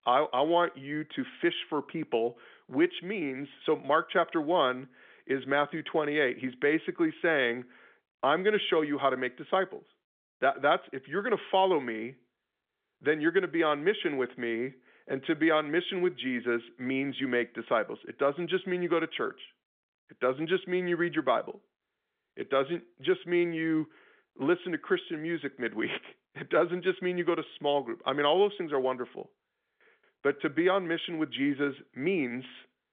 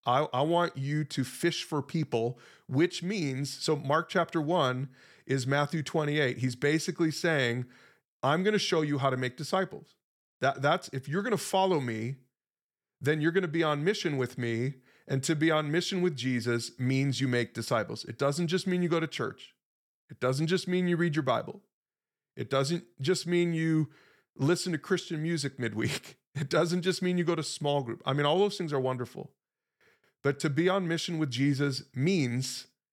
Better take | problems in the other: second | phone-call audio; nothing above 3.5 kHz

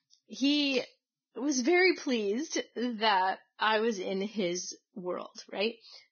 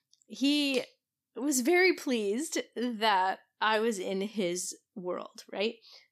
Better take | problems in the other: second | garbled, watery; badly; nothing above 6.5 kHz

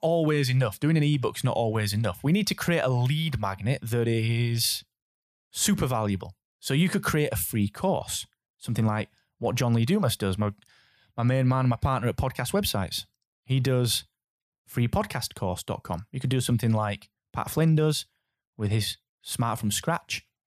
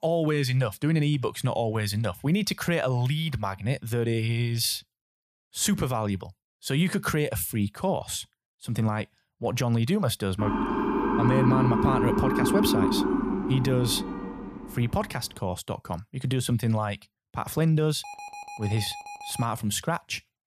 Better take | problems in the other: first | siren; loud; from 10 to 15 s; peak 4 dB above the speech // alarm; faint; from 18 to 19 s; peak 10 dB below the speech

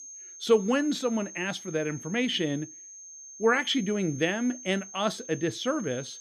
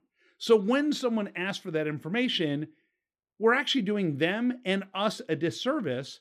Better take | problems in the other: second | high-pitched whine; noticeable; throughout; 6.5 kHz, 15 dB below the speech

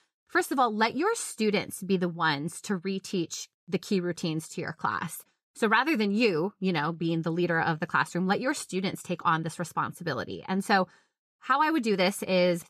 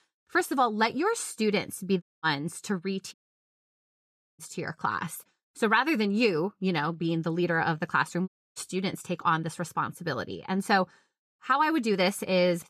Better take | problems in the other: first | audio cutting out; at 2 s, at 3 s for 1 s and at 8.5 s

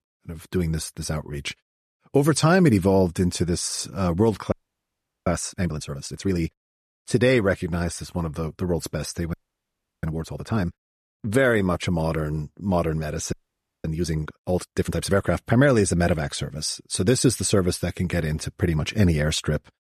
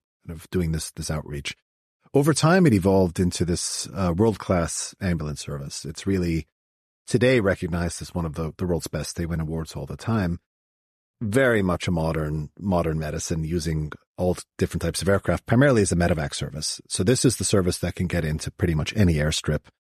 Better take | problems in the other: second | audio freezing; at 4.5 s for 0.5 s, at 9.5 s for 0.5 s and at 13 s for 0.5 s

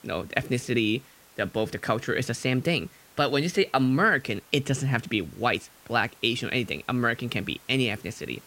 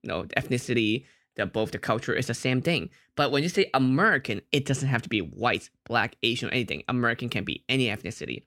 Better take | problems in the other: second | hiss; faint; throughout; 25 dB below the speech

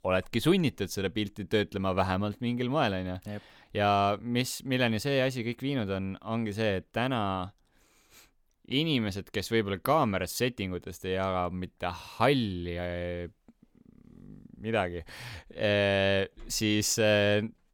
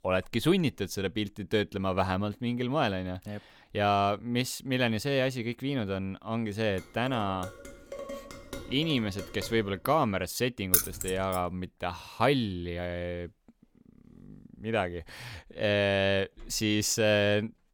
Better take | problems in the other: first | clattering dishes; faint; from 7 to 10 s; peak 10 dB below the speech // jangling keys; loud; at 11 s; peak 5 dB above the speech

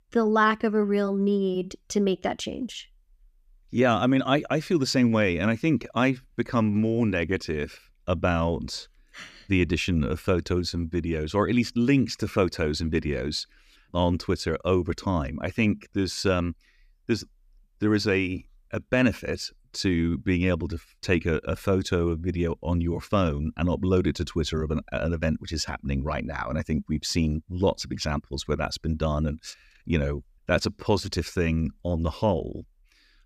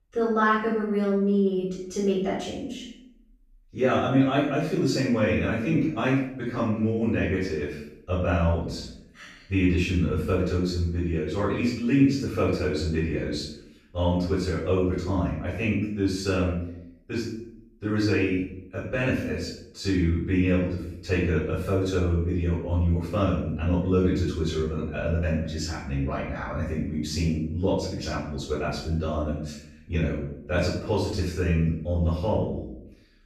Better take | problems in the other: first | off-mic speech; far // room echo; noticeable; dies away in 0.6 s

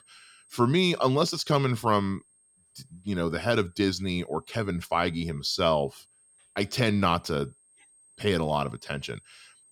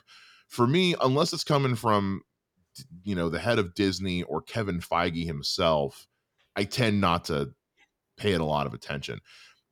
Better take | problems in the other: second | high-pitched whine; faint; throughout; 8.5 kHz, 30 dB below the speech

